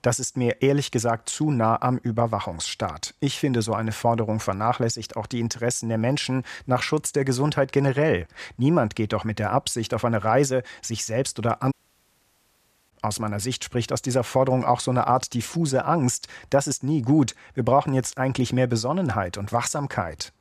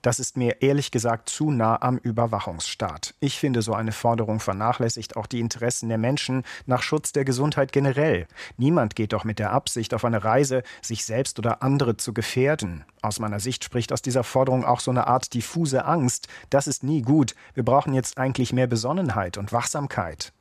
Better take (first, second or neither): second